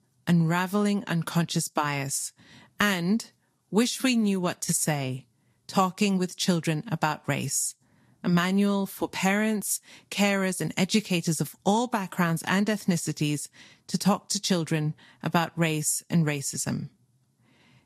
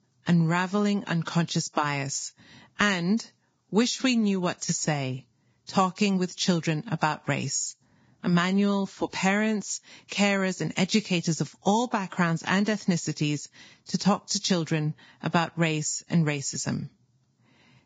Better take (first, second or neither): first